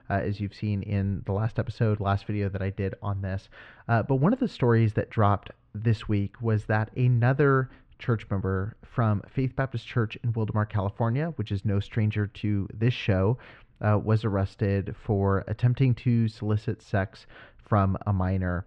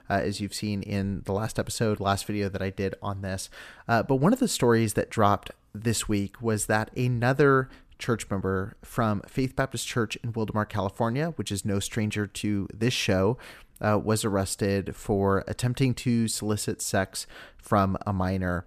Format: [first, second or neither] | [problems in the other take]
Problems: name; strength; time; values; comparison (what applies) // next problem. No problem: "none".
second | muffled; slightly; fading above 3 kHz